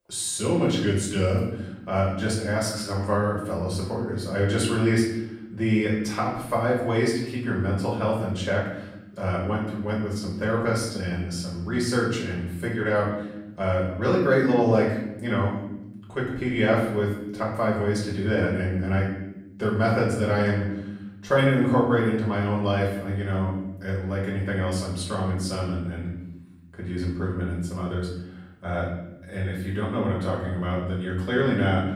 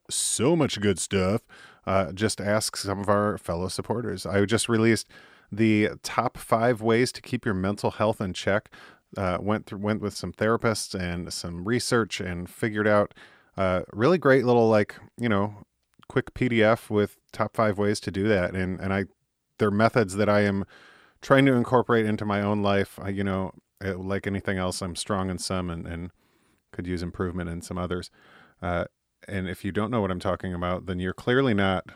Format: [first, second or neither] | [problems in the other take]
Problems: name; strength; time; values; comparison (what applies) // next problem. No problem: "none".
second | off-mic speech; far // room echo; noticeable; dies away in 0.9 s